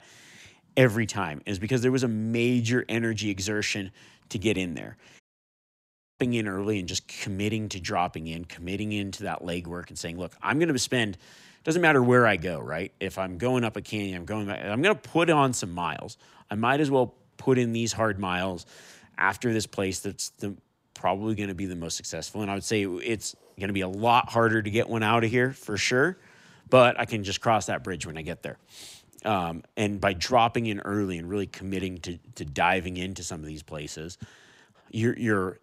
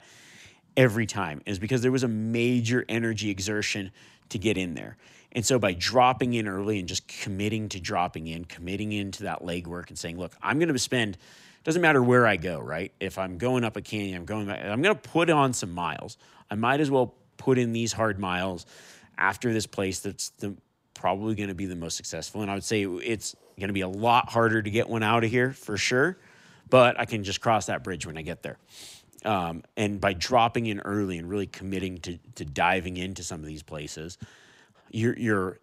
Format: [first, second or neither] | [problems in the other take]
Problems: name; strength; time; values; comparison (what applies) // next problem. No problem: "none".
second | audio cutting out; at 5 s for 1 s